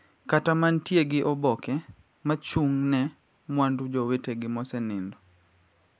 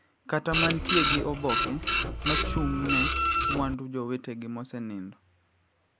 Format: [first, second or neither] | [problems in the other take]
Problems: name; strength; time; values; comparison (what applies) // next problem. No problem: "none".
first | background sound (Printer); 4 dB above the speech